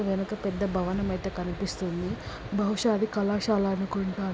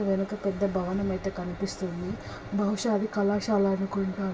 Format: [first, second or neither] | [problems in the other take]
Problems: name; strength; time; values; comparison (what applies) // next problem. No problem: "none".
first | room echo; dies away in 0.2 s